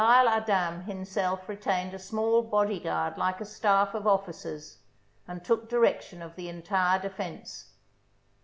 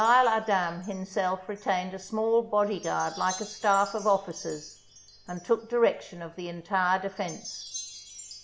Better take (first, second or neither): first